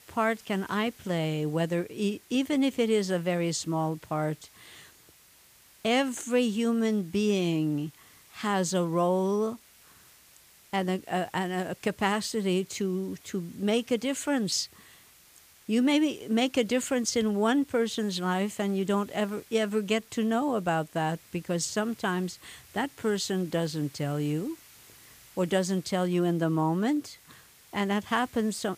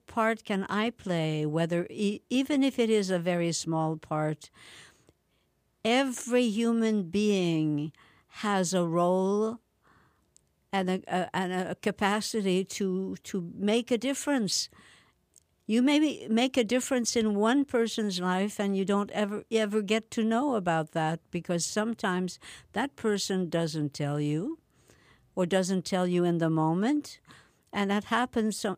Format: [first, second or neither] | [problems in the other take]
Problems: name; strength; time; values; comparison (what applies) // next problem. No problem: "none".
second | hiss; faint; throughout; 25 dB below the speech